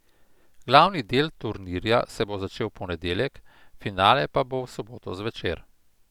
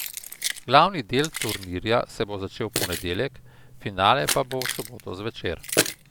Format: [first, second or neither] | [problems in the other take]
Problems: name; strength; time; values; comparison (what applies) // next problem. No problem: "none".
first | background sound (Keys jangling); 6 dB below the speech